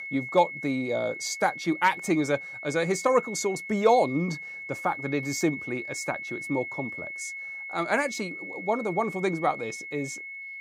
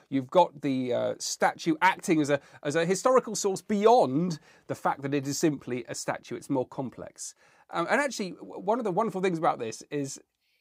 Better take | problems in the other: second | high-pitched whine; loud; throughout; 2 kHz, 8 dB below the speech

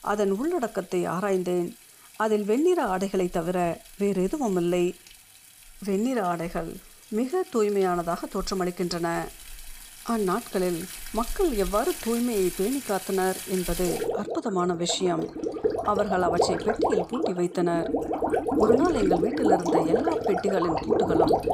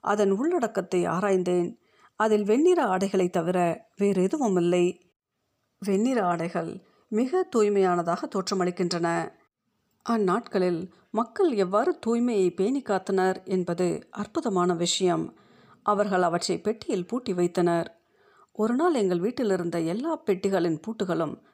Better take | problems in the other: second | rain or running water; loud; throughout; 1 dB below the speech

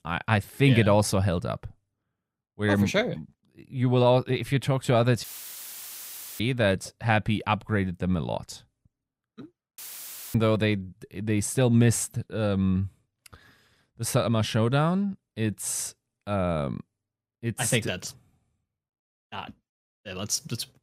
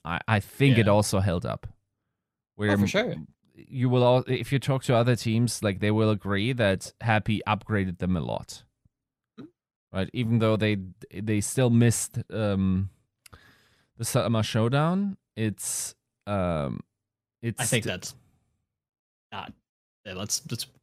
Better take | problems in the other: second | audio cutting out; filled with static; at 5 s for 1 s and at 10 s for 0.5 s

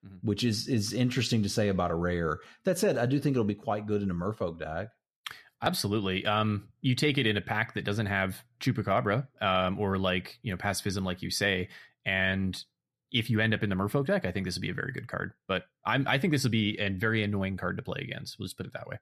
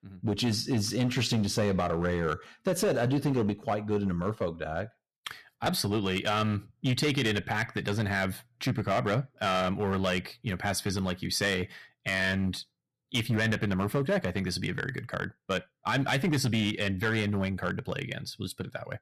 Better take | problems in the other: first | distortion; slight; 6% of the sound clipped

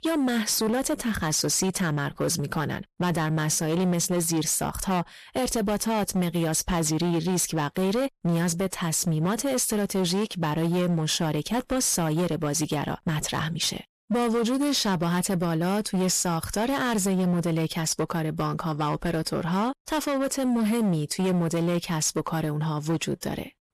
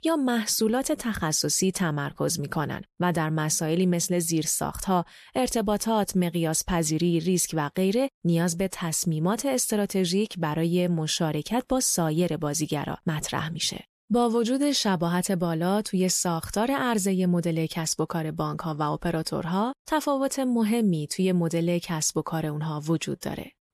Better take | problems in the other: second | distortion; slight; 18% of the sound clipped

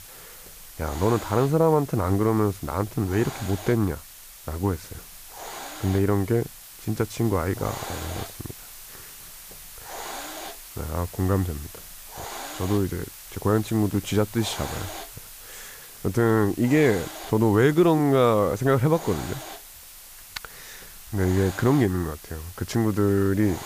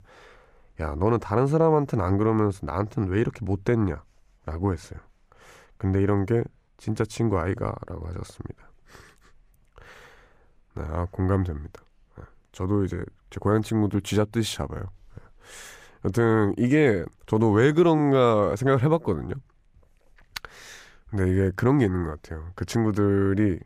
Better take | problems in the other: second | hiss; noticeable; throughout; 15 dB below the speech

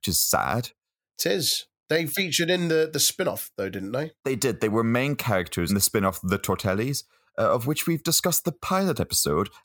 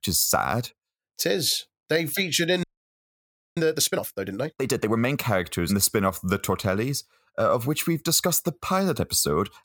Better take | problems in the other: first | audio freezing; at 2.5 s for 1 s

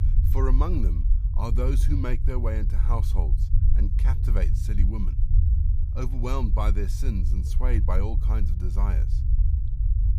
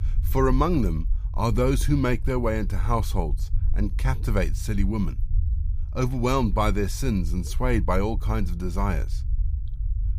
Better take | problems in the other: second | low rumble; loud; throughout; 8 dB below the speech; faint in the second

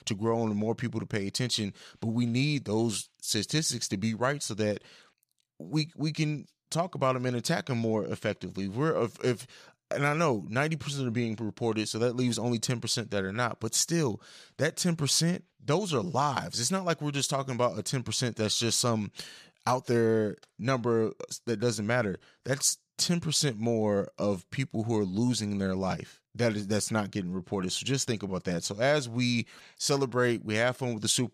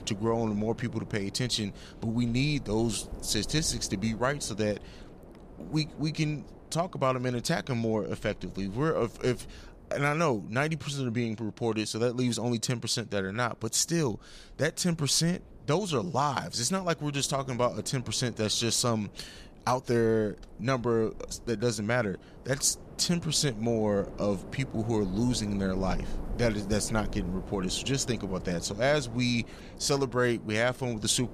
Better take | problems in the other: first | wind noise on the microphone; occasional gusts; 20 dB below the speech

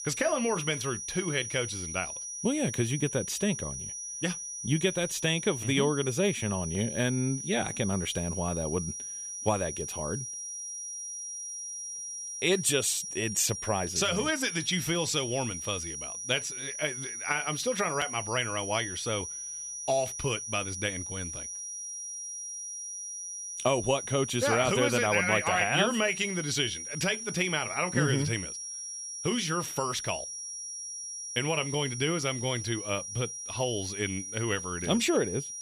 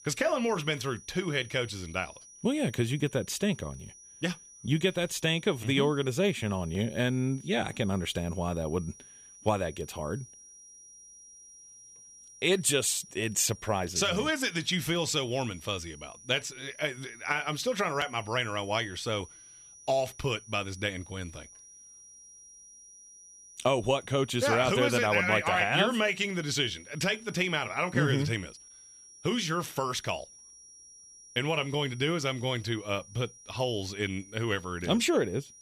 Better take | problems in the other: second | high-pitched whine; loud; throughout; 6 kHz, 6 dB below the speech; faint in the second

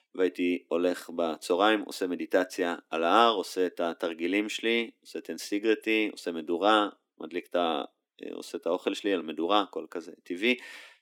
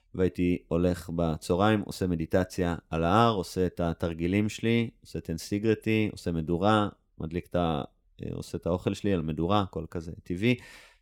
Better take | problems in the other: second | thin; somewhat; fading below 250 Hz

